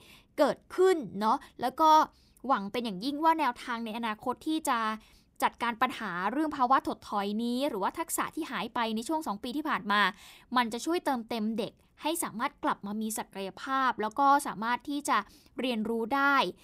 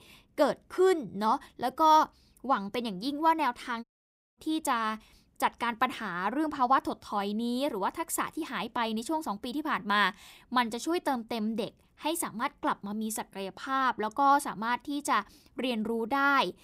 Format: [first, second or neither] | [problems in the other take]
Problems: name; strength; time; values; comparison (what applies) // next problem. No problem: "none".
first | audio cutting out; at 4 s for 0.5 s